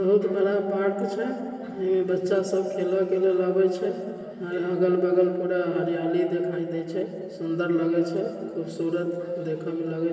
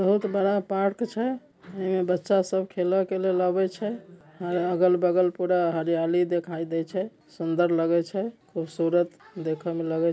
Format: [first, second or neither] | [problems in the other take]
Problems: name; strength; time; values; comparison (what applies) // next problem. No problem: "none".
second | room echo; dies away in 2.8 s